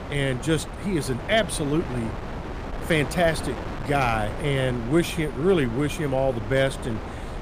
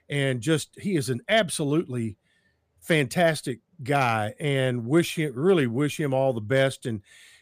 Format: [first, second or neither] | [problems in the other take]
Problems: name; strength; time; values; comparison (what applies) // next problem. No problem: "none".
second | wind noise on the microphone; occasional gusts; 10 dB below the speech